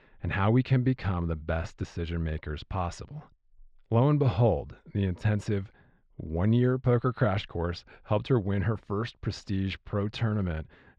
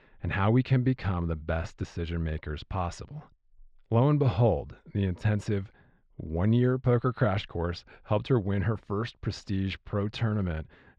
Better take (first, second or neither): neither